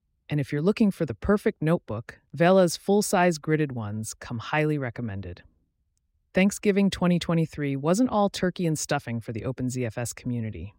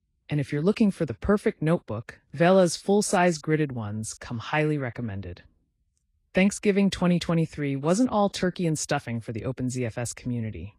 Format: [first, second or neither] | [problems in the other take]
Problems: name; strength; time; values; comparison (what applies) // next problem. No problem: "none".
first | garbled, watery; slightly